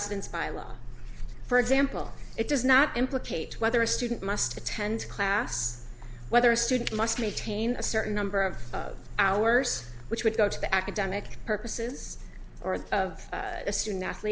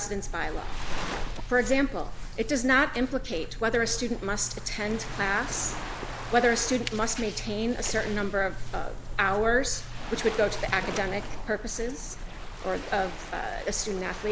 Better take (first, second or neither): first